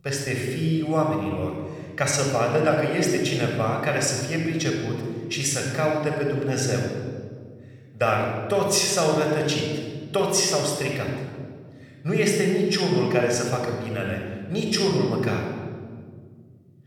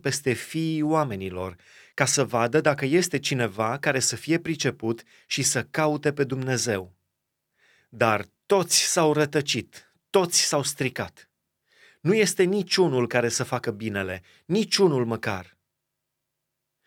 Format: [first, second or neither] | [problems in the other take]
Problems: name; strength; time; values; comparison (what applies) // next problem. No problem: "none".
second | room echo; noticeable; dies away in 1.8 s // off-mic speech; somewhat distant